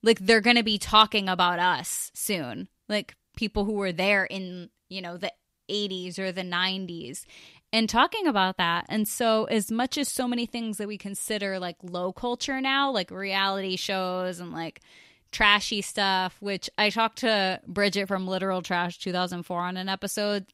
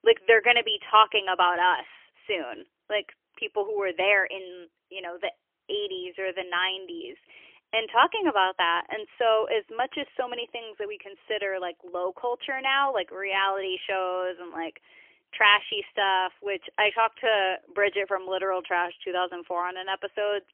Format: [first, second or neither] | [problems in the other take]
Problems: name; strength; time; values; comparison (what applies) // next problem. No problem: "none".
first | phone-call audio; poor line; nothing above 3.5 kHz